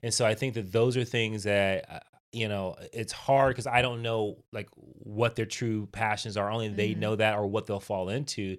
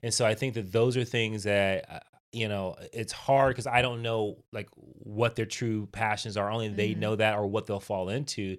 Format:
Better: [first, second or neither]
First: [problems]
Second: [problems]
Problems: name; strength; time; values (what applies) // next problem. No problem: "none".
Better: neither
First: none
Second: none